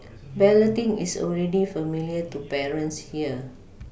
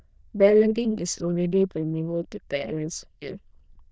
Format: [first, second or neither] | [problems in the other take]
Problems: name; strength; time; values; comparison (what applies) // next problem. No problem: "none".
first | noise reduction (neural diffusion model UNIVERSE++)